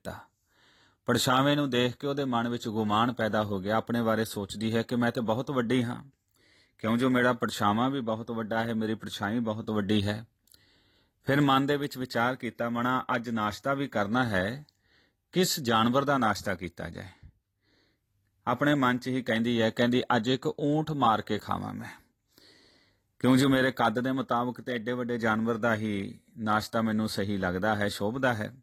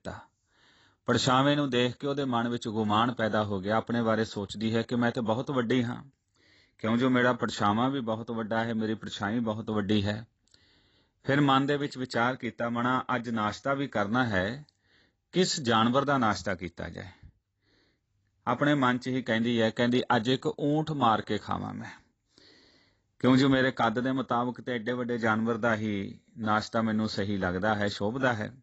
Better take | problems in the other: first | garbled, watery; badly; nothing above 7.5 kHz; slightly in the first

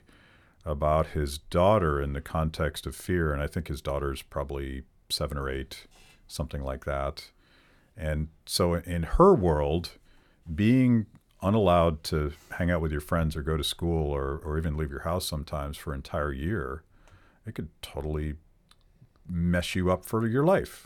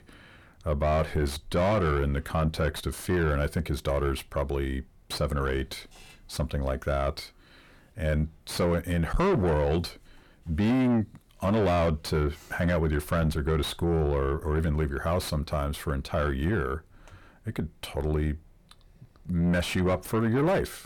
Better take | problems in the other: first | distortion; heavy; 6 dB below the speech

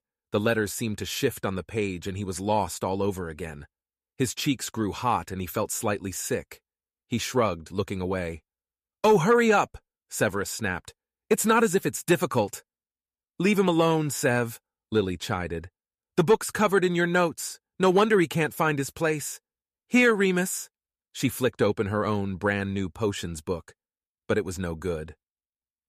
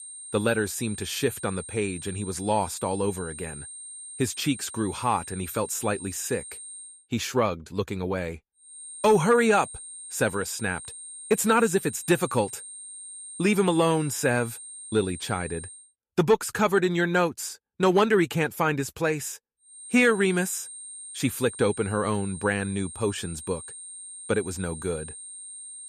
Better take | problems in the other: first | high-pitched whine; noticeable; until 7 s, from 8.5 to 16 s and from 20 s on; 8.5 kHz, 10 dB below the speech

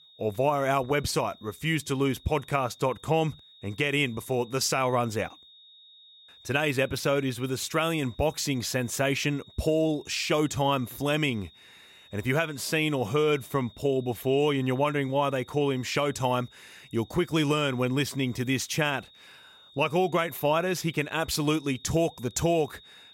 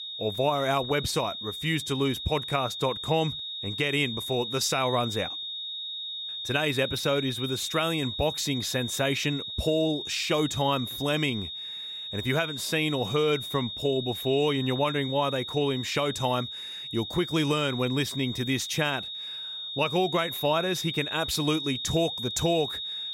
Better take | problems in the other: first | high-pitched whine; loud; throughout; 3.5 kHz, 5 dB below the speech; faint in the first

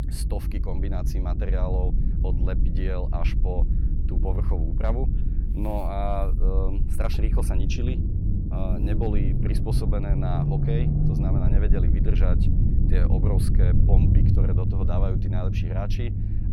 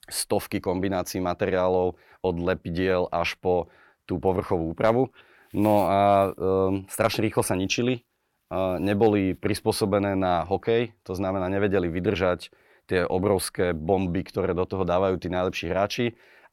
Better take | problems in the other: second | low rumble; loud; throughout; 3 dB below the speech

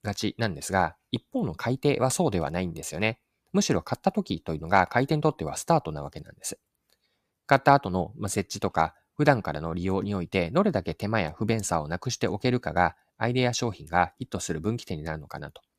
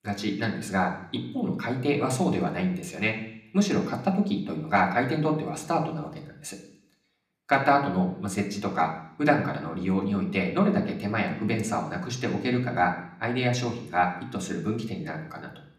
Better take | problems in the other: first | room echo; slight; dies away in 0.8 s // off-mic speech; somewhat distant

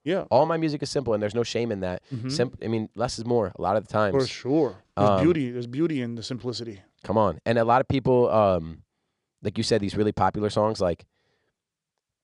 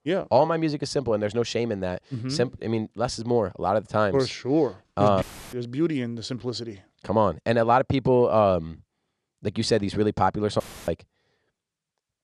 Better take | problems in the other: first | audio cutting out; filled with static; at 5 s and at 11 s

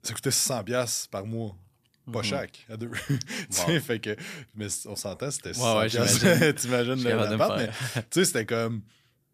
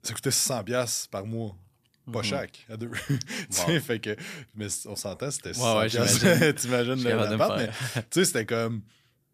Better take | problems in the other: neither | none

